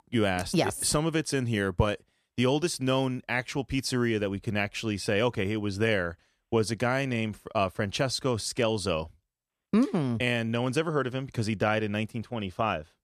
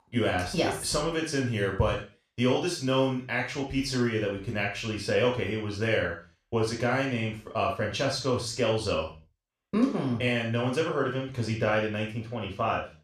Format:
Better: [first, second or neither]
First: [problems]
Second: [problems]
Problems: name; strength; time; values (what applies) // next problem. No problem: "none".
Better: first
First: none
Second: room echo; noticeable; dies away in 0.3 s // off-mic speech; far